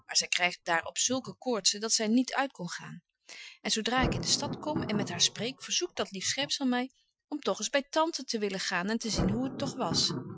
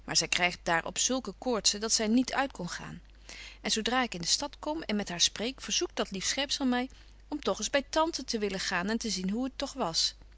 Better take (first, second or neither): second